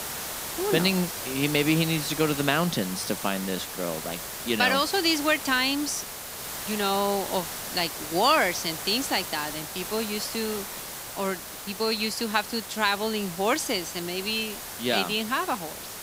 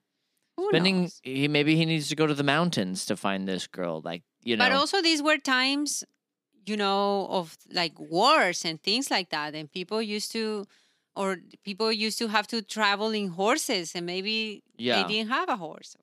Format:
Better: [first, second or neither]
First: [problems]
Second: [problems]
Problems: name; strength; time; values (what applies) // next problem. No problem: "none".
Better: second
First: hiss; loud; throughout; 7 dB below the speech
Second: none